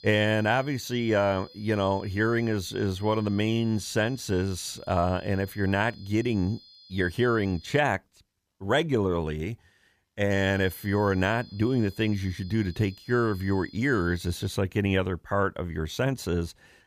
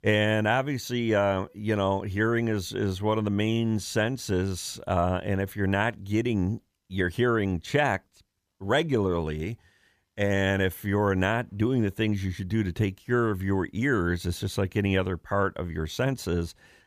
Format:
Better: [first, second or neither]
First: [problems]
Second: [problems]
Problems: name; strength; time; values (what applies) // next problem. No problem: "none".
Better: second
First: high-pitched whine; faint; until 8 s and from 10 to 15 s; 4 kHz, 25 dB below the speech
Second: none